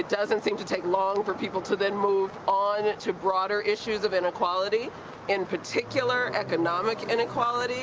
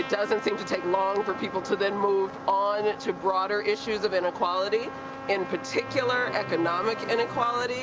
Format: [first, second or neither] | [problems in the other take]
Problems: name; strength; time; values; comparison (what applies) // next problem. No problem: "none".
first | background sound (Trumpet); 13 dB below the speech